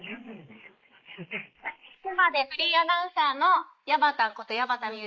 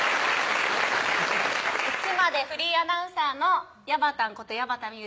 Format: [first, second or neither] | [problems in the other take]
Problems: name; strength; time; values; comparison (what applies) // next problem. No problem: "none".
second | noise reduction (neural mask model Resemble Enhance denoiser)